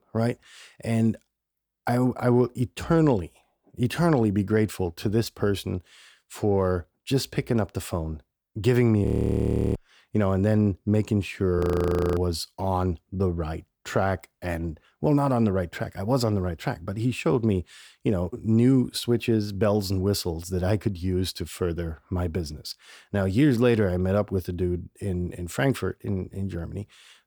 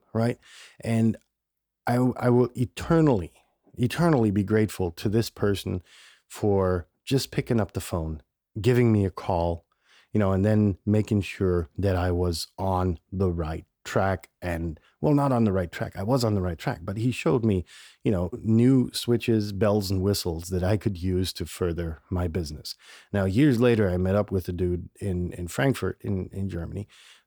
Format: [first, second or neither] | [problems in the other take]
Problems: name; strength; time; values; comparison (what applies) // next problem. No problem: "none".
second | audio freezing; at 9 s for 0.5 s and at 12 s for 0.5 s